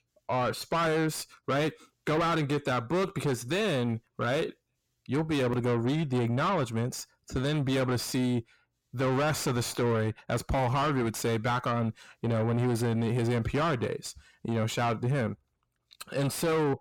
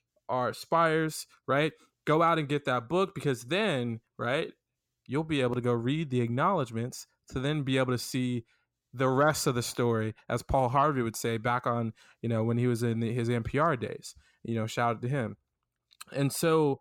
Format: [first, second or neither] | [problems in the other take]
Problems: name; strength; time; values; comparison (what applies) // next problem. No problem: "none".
second | distortion; heavy; 7 dB below the speech